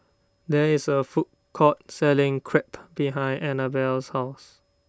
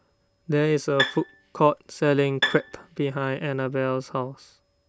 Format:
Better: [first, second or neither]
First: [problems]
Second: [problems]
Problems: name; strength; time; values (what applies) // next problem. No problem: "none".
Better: first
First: none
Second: background sound (Bowed string instrument); 5 dB below the speech